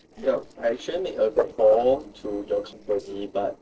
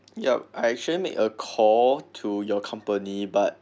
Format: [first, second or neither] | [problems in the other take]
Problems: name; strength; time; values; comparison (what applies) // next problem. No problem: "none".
second | noise reduction (neural separator model SepFormer DNS4)